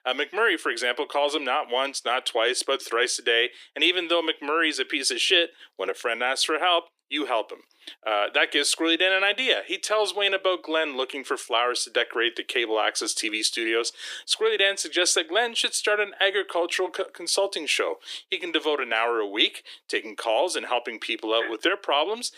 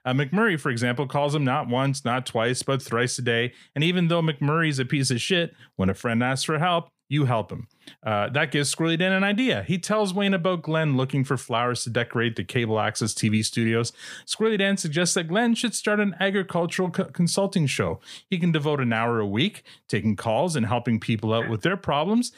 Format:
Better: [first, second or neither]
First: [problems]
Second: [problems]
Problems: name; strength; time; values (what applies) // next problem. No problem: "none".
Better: second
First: thin; very; fading below 300 Hz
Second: none